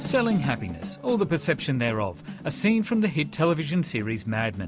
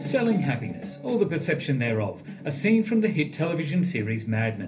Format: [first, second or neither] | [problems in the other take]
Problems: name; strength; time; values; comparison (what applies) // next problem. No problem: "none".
first | room echo; dies away in 0.3 s